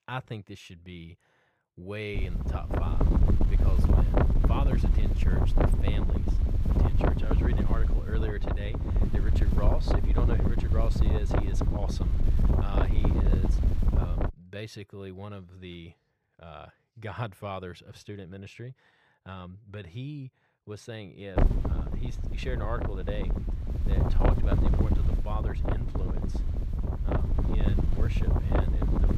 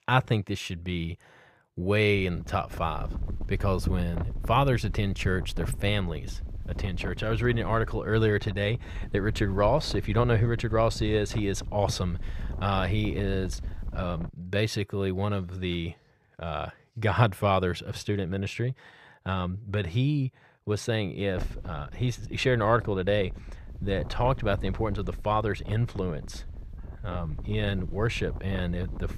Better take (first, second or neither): second